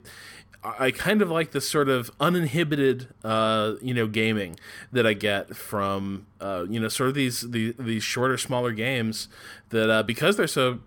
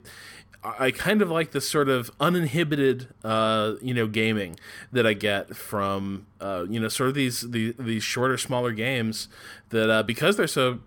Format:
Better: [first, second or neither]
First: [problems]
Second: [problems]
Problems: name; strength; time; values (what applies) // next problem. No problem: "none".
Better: neither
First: none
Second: none